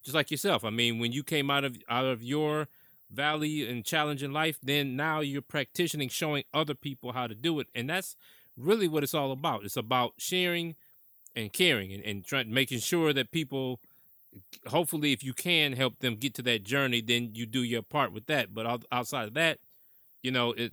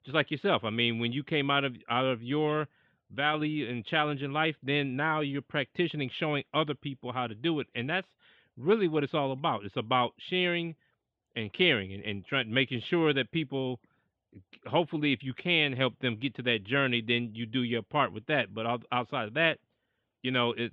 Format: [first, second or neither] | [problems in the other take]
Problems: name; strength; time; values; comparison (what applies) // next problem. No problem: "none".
first | muffled; very slightly; fading above 3 kHz